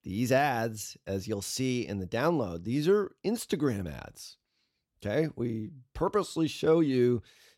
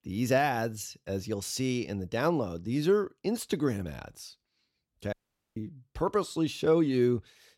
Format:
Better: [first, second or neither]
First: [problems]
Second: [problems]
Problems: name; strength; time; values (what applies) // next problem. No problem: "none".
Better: first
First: none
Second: audio cutting out; at 5 s